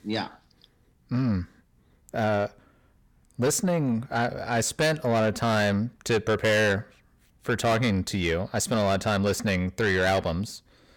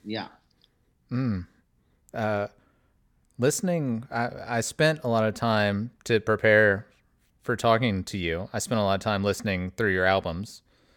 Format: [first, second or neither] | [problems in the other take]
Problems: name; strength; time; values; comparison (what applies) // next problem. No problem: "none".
second | distortion; heavy; 8 dB below the speech